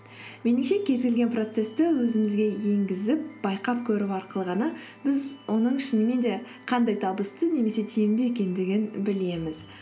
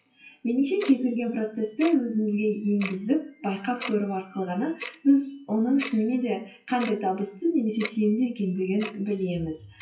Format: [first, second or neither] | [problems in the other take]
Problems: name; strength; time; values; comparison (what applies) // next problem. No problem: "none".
first | noise reduction (classical method WPE with log-MMSE)